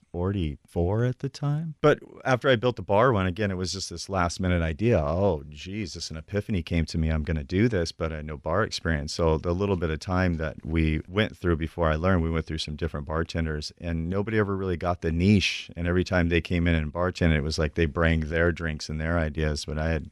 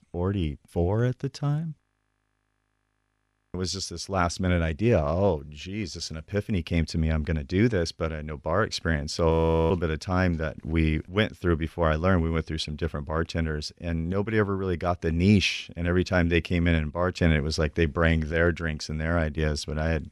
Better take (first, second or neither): first